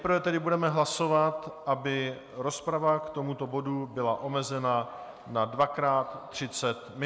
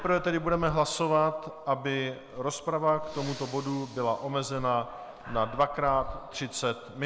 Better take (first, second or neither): first